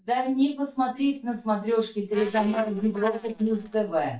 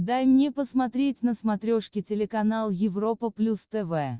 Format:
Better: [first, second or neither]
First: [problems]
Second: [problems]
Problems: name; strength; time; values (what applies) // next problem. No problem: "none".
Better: second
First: noise reduction (neural mask model DeepFilterNet 3)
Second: none